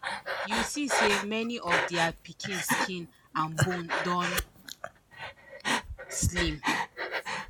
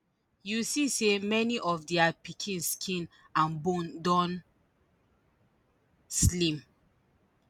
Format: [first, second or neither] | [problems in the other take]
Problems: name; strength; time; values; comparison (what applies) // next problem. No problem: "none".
second | background sound (Breathing); 2 dB above the speech